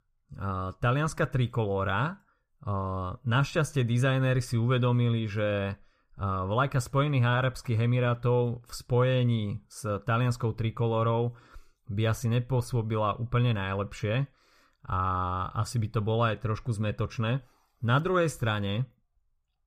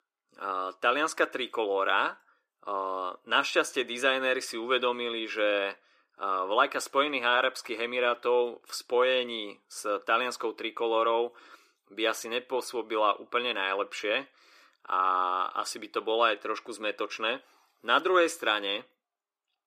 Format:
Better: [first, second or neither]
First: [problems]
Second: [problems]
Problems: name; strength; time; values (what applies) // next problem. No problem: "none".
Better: first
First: none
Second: thin; very; fading below 300 Hz